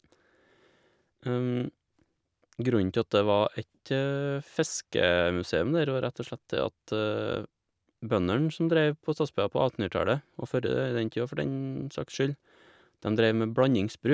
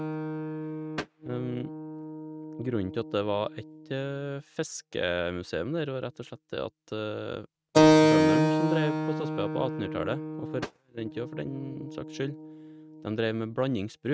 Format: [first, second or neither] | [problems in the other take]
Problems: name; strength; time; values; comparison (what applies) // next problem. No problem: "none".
first | noise reduction (neural mask model RNNoise)